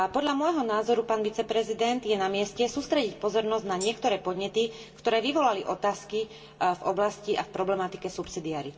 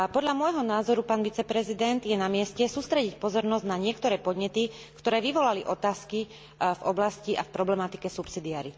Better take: second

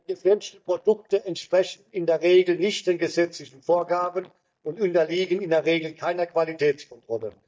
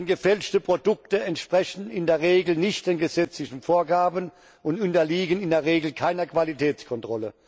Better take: second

